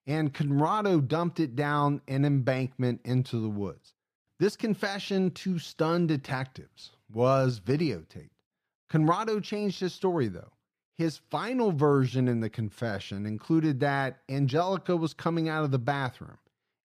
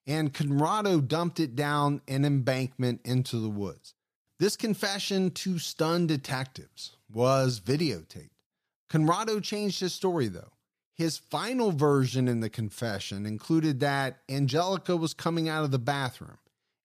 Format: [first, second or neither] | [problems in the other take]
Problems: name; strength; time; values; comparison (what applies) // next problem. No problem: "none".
second | muffled; slightly; fading above 4 kHz